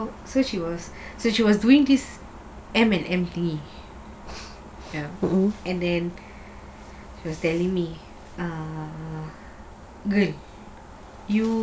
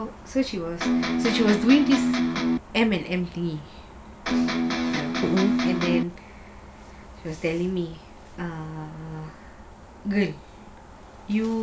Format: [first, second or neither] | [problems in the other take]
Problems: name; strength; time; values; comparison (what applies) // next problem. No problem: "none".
first | background sound (Electric guitar); 3 dB above the speech